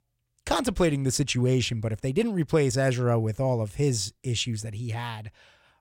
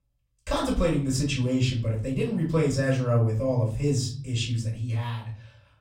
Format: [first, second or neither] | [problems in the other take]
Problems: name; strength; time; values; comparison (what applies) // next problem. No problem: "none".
first | off-mic speech; far // room echo; slight; dies away in 0.4 s